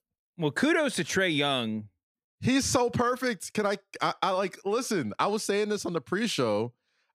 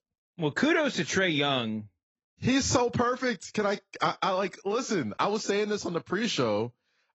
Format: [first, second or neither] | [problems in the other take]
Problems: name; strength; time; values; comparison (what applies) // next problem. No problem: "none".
first | garbled, watery; badly; nothing above 7.5 kHz